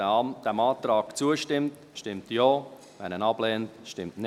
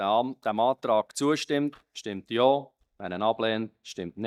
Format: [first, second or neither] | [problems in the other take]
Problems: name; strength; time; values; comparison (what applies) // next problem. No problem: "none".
first | noise reduction (neural mask model DeepFilterNet 3)